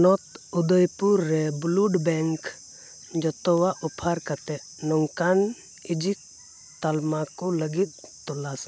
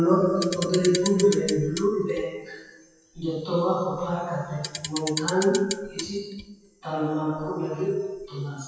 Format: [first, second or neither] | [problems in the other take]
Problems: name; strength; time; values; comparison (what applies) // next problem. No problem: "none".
first | noise reduction (classical method WPE with log-MMSE)